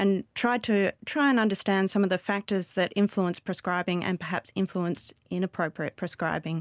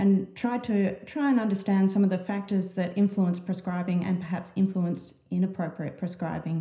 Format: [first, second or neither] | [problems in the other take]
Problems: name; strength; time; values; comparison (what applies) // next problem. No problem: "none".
first | room echo; dies away in 0.5 s